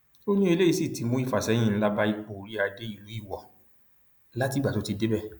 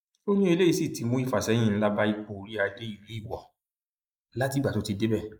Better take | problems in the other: first | noise reduction (neural mask model Resemble Enhance denoiser)

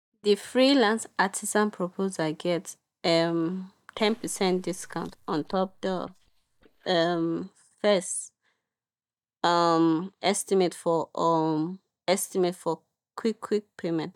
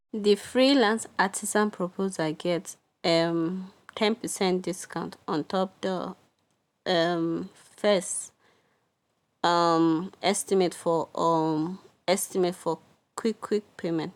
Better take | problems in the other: second | noise reduction (neural mask model DeepFilterNet 3)

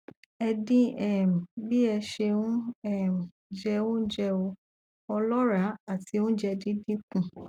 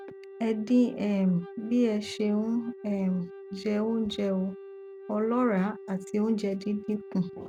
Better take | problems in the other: first | background sound (Wind instrument, woodwind instrument); 15 dB below the speech

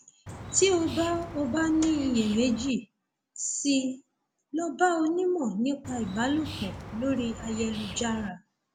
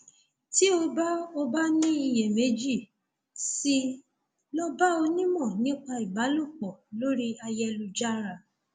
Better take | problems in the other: second | background sound (Bird); 11 dB below the speech

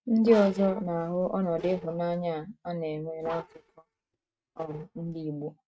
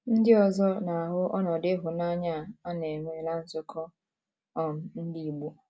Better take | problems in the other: second | noise reduction (neural mask model RNNoise)

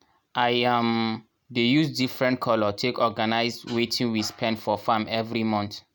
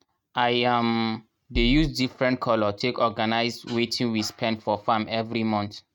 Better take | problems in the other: first | noise reduction (neural mask model RNNoise)

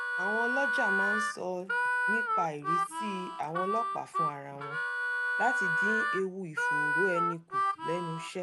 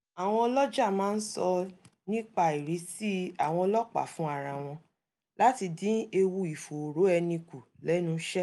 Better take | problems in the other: second | background sound (Harmonica); 5 dB above the speech

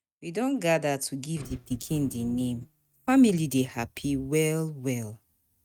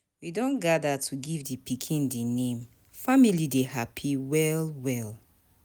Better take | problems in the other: second | noise reduction (neural mask model RNNoise)

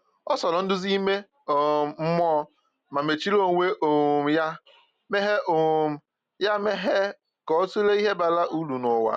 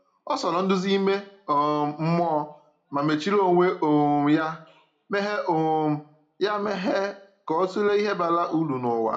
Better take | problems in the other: first | room echo; dies away in 0.4 s

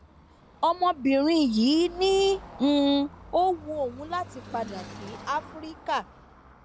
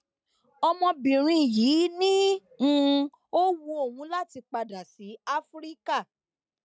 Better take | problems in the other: second | background sound (Car passing by / Traffic noise, roadway noise); 19 dB below the speech

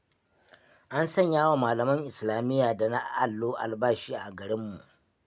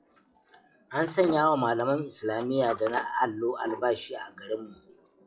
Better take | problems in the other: first | noise reduction (classical method WPE with log-MMSE)

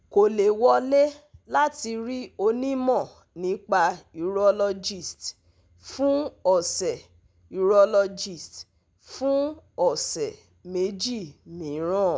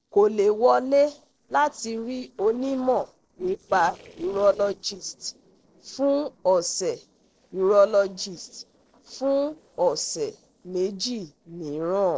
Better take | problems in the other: first | noise reduction (neural separator model SepFormer DNS4)

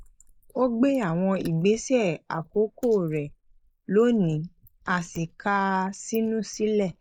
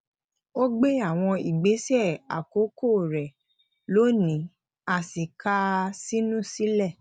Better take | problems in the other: second | noise reduction (neural mask model Resemble Enhance denoiser)

